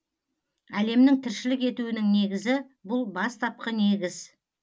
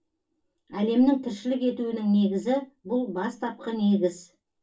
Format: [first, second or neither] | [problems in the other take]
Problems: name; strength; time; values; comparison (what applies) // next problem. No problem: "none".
first | room echo; dies away in 0.2 s